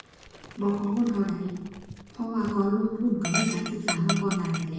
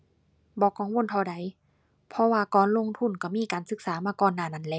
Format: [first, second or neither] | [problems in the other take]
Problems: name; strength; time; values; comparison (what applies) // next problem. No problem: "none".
second | background sound (Dog); 9 dB below the speech // room echo; dies away in 1.1 s